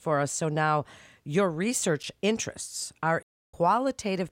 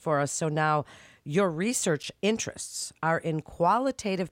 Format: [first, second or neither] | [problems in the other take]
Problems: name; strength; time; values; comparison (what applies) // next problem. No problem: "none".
second | audio cutting out; at 3 s